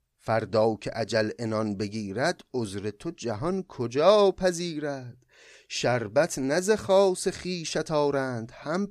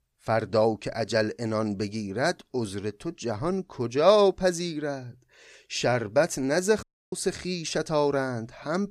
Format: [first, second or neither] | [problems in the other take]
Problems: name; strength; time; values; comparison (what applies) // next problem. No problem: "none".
first | audio cutting out; at 7 s